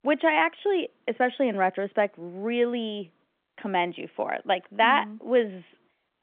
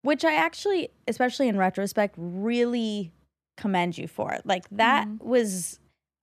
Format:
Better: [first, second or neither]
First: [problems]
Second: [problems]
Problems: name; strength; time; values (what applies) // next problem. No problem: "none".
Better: second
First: phone-call audio; nothing above 3.5 kHz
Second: none